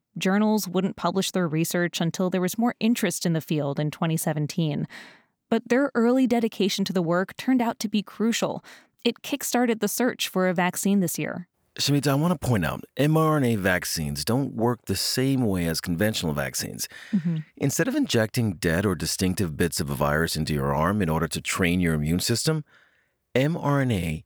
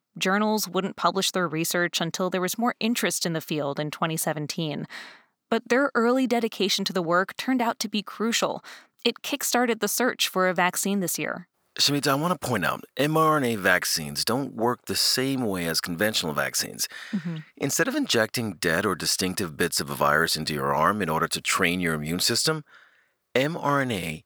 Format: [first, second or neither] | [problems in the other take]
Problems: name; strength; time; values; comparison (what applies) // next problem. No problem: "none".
first | thin; very slightly; fading below 750 Hz